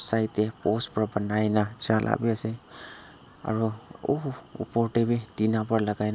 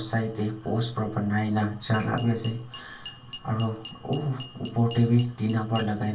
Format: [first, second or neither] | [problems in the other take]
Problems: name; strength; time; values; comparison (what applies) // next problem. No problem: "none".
first | background sound (Glass); 19 dB below the speech // room echo; dies away in 0.3 s